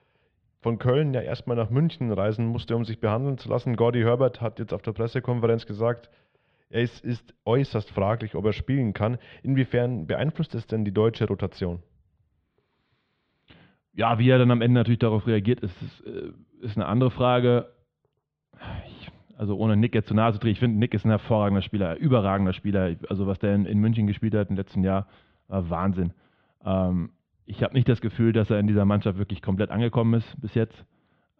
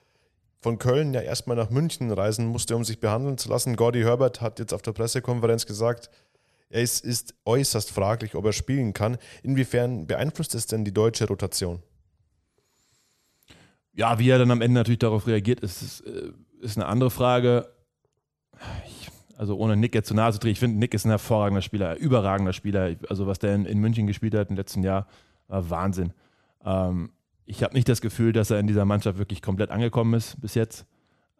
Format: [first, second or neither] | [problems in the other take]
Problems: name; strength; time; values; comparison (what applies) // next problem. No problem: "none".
second | muffled; very; fading above 3.5 kHz